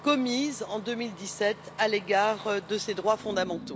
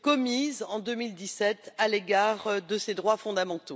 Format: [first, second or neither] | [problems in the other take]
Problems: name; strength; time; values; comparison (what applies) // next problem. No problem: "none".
second | background sound (Engine starting); 17 dB below the speech